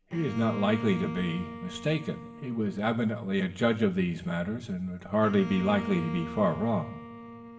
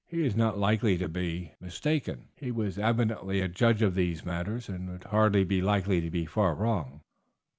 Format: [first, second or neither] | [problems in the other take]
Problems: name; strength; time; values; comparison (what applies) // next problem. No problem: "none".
second | background sound (Bowed string instrument); 12 dB below the speech // room echo; dies away in 2 s